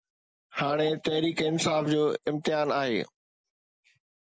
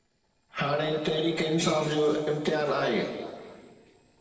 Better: first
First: none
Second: noise reduction (neural separator model SepFormer DNS4)

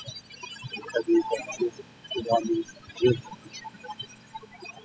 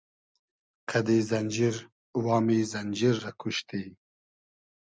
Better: second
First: noise reduction (classical method spectral subtraction)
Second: none

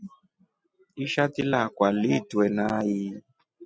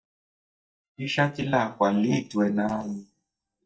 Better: first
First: none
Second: noise reduction (neural mask model DeepFilterNet 3)

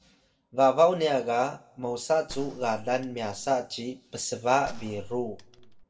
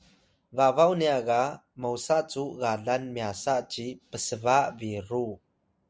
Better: second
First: background sound (Gunshot, gunfire); 14 dB below the speech // room echo; dies away in 0.5 s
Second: none

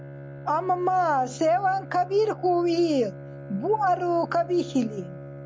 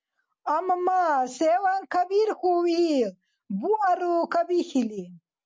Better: second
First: background sound (Bowed string instrument); 14 dB below the speech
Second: none

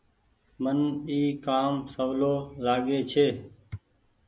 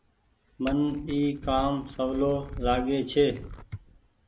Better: first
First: none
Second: background sound (Glass); 12 dB below the speech

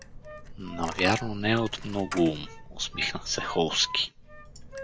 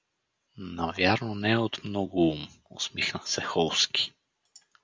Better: second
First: background sound (Coin (dropping) + Wind instrument, woodwind instrument); 11 dB below the speech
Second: none

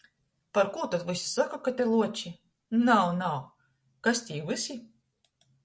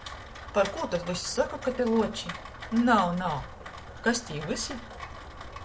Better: first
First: none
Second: background sound (Rain); 12 dB below the speech

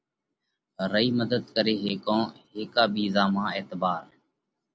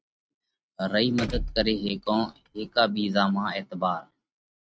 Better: first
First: none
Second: noise reduction (neural mask model RNNoise)

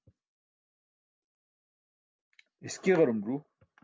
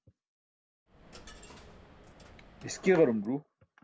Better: first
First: none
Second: background sound (Coin (dropping)); 19 dB below the speech

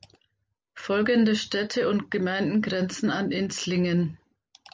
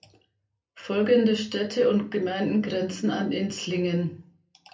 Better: first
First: none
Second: room echo; dies away in 0.3 s

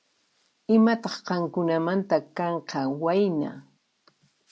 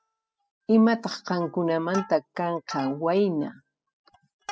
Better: first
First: none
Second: noise reduction (classical method spectral subtraction)

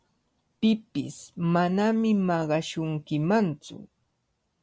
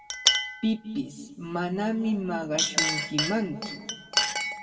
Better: first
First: none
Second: background sound (Chink, clink); as loud as the speech // room echo; dies away in 1.8 s

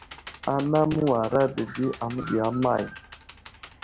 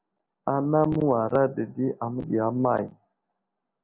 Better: second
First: background sound (Computer keyboard + Bird); 17 dB below the speech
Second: none

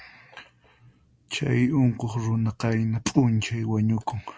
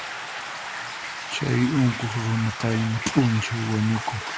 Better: first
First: none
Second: background sound (Stream); 8 dB below the speech

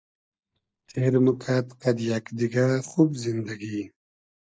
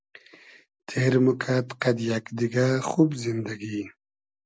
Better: second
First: noise reduction (neural mask model DeepFilterNet 3)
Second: none

